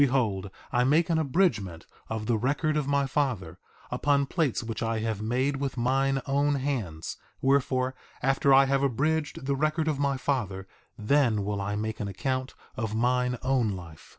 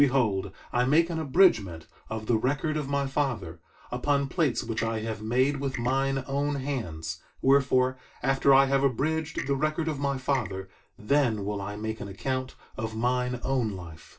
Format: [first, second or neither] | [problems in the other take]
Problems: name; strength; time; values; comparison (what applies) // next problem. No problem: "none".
first | background sound (Clock); 17 dB below the speech // room echo; dies away in 0.2 s